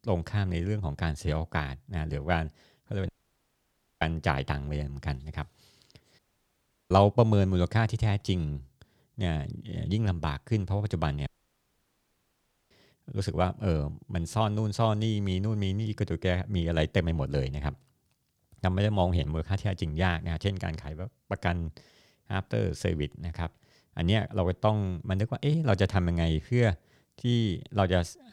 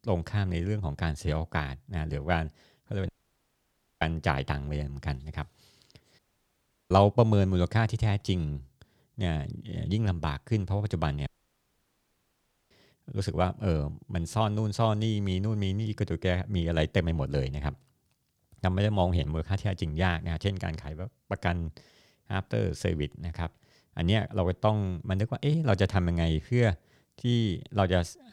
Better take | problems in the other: neither | audio cutting out; at 3 s for 1 s, at 6 s for 0.5 s and at 11 s for 1.5 s; the same in both

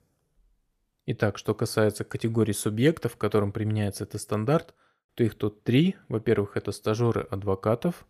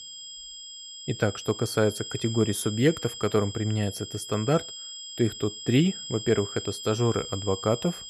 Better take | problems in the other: first | high-pitched whine; loud; throughout; 3 kHz, 10 dB below the speech

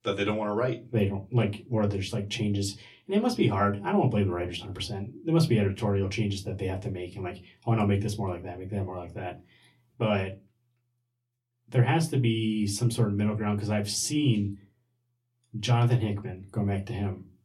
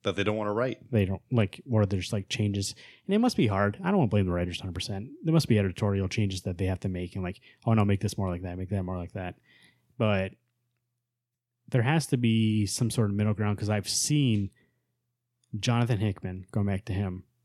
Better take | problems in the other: second | off-mic speech; far // room echo; very slight; dies away in 0.2 s

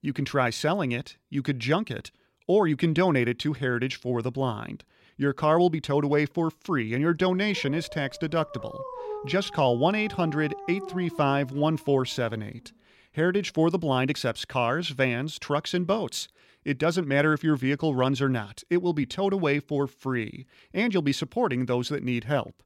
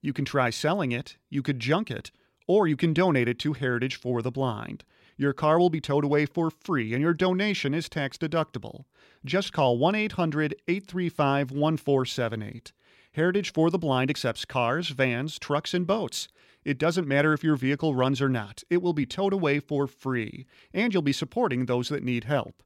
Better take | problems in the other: second | dog barking; noticeable; from 7.5 to 12 s; peak 9 dB below the speech

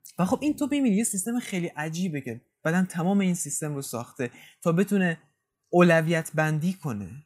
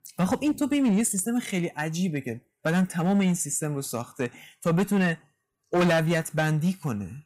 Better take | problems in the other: first | distortion; slight; 7% of the sound clipped

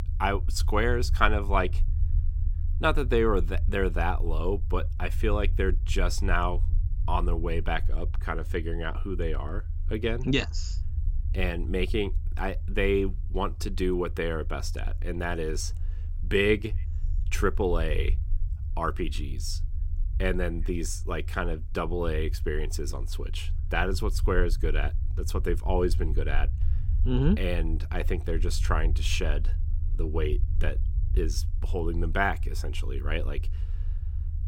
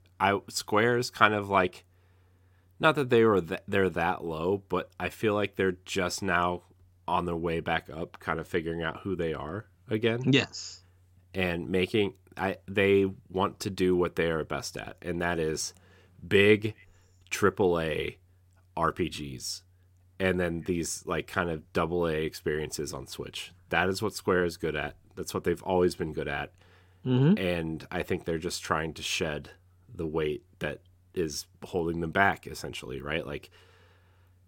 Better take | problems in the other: second | low rumble; faint; throughout; 20 dB below the speech

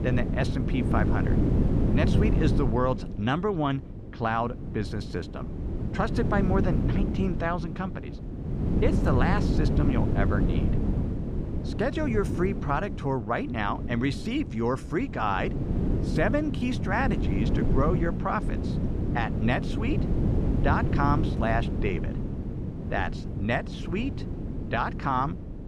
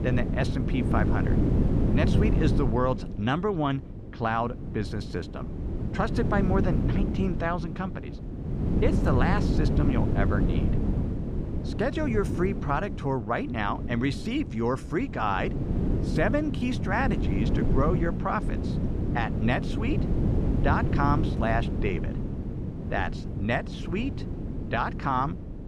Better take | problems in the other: neither | wind noise on the microphone; heavy; 7 dB below the speech; the same in both

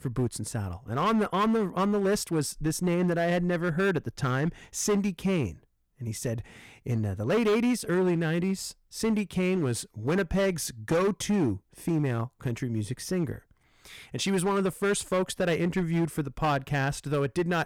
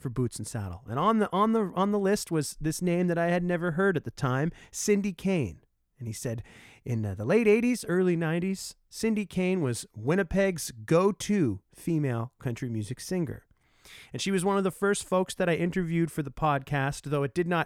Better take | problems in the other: second | distortion; slight; 9% of the sound clipped

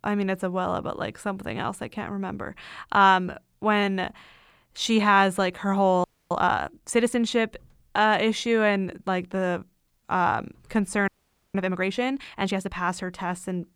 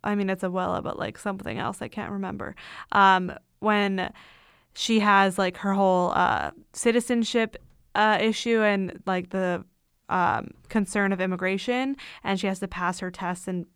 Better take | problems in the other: second | audio freezing; at 6 s and at 11 s

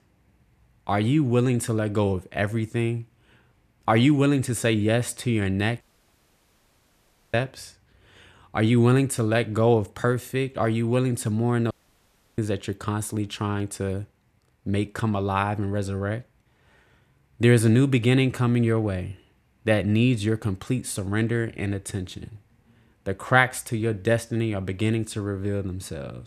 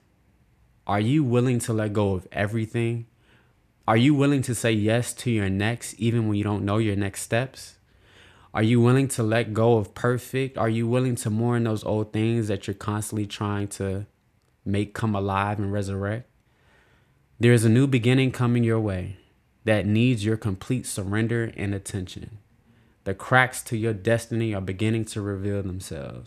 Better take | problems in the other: second | audio cutting out; at 6 s for 1.5 s and at 12 s for 0.5 s

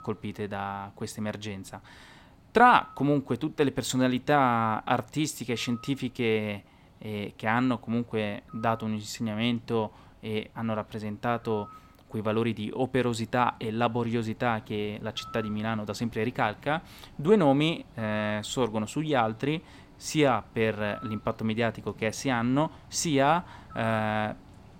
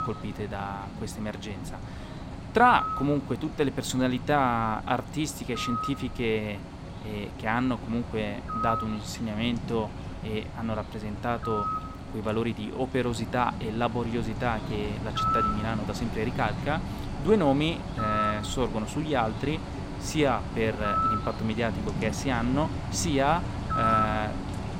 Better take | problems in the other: first | animal sounds; loud; throughout; 4 dB below the speech; faint in the first

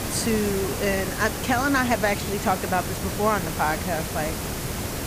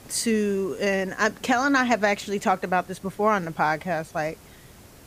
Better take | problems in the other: second | hiss; loud; throughout; 4 dB below the speech; faint in the second

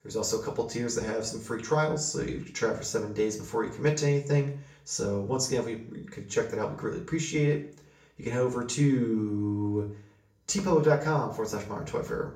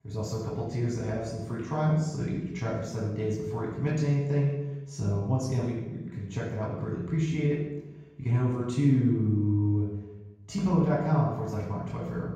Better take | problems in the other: first | room echo; strong; dies away in 1.3 s; slight in the first // off-mic speech; far; far in the first

